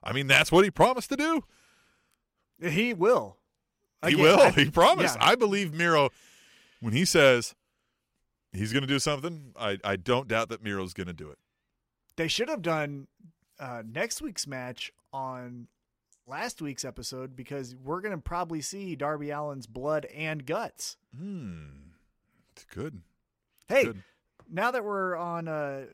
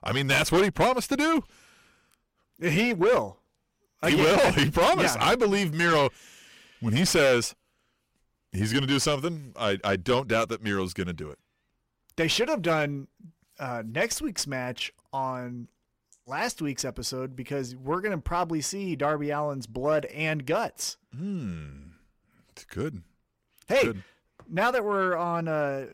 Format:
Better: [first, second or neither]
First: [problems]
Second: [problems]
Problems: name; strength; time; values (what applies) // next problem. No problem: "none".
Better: first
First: none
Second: distortion; heavy; 6 dB below the speech